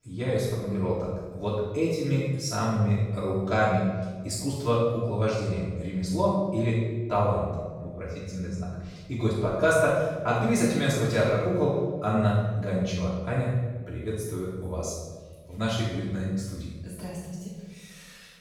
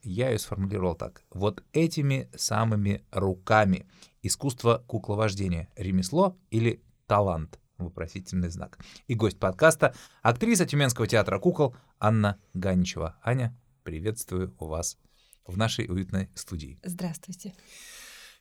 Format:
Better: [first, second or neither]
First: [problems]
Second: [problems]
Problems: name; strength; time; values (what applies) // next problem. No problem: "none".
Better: second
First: room echo; strong; dies away in 1.3 s // off-mic speech; far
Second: none